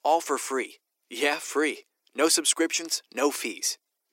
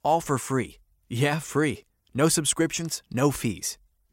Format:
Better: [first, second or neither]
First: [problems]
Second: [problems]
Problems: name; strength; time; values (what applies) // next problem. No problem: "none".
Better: second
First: thin; somewhat; fading below 300 Hz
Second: none